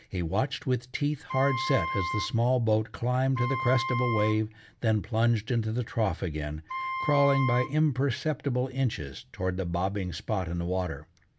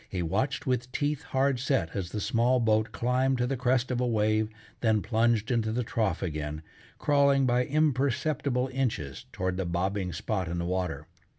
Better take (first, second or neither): second